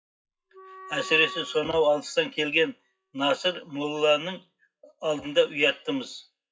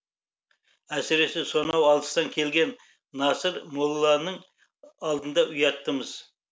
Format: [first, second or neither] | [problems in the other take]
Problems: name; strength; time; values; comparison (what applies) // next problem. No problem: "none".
second | noise reduction (classical method WPE with log-MMSE)